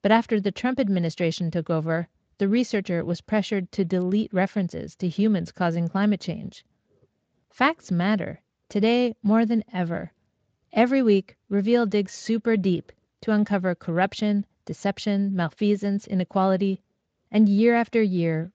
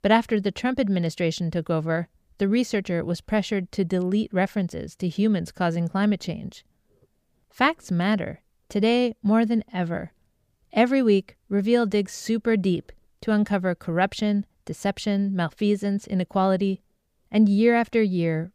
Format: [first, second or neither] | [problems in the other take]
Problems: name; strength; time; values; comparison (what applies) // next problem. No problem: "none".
second | garbled, watery; slightly; nothing above 7.5 kHz